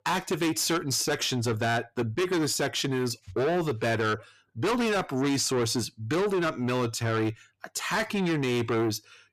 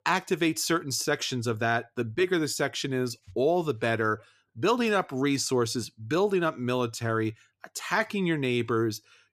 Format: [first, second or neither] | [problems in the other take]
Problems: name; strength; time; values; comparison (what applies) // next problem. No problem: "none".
second | distortion; heavy; 8 dB below the speech